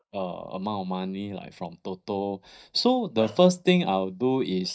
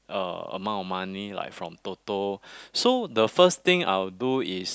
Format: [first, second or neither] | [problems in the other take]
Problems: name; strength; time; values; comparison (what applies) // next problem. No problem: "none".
second | noise reduction (neural mask model DeepFilterNet 3)